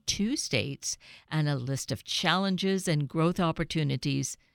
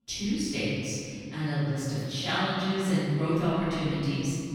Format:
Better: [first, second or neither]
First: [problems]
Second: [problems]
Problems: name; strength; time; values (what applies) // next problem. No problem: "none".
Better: first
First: none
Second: off-mic speech; far // room echo; strong; dies away in 2.3 s